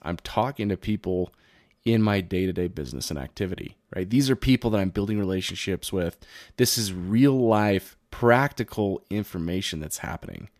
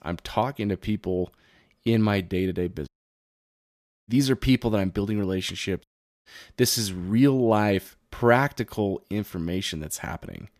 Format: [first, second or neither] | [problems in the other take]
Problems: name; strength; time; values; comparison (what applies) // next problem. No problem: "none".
first | audio cutting out; at 3 s for 1 s and at 6 s